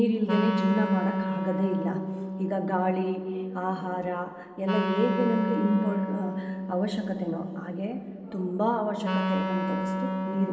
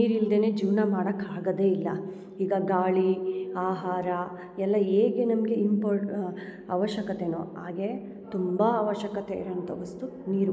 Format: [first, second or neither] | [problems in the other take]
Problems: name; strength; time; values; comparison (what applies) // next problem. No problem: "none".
second | background sound (Wind instrument, woodwind instrument); 3 dB below the speech // room echo; dies away in 2.2 s